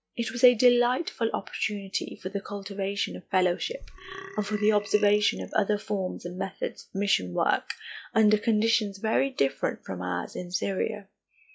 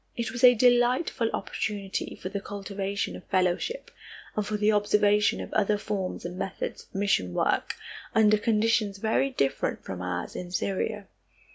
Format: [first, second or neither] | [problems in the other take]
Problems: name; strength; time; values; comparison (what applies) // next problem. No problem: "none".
second | noise reduction (classical method log-MMSE)